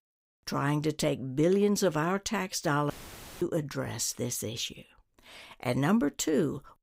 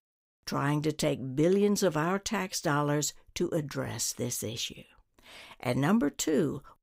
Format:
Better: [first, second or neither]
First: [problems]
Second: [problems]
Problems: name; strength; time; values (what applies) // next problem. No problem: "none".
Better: second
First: audio cutting out; filled with static; at 3 s for 0.5 s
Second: none